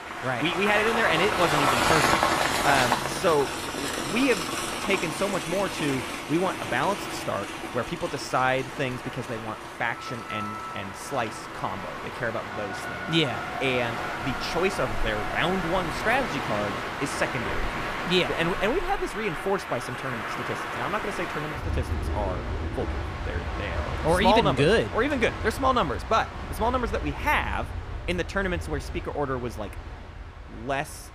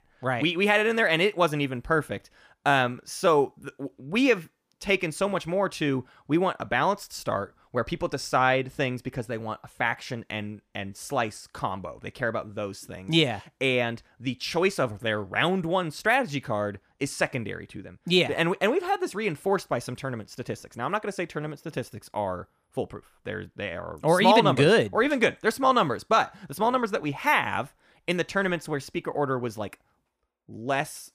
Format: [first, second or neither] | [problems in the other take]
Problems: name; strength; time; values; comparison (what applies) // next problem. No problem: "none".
second | train or aircraft noise; loud; throughout; 3 dB below the speech